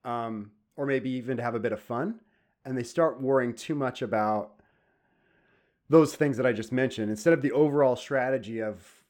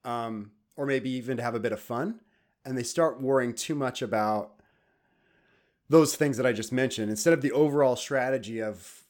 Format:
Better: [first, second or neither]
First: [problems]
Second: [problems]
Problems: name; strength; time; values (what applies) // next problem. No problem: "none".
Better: second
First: muffled; slightly; fading above 3.5 kHz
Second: none